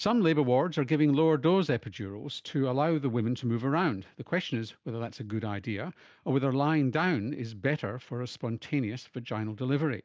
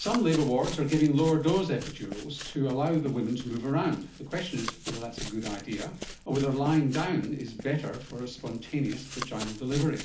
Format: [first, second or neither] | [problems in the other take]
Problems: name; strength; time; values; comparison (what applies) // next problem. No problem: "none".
first | background sound (Run); 13 dB below the speech // room echo; dies away in 0.4 s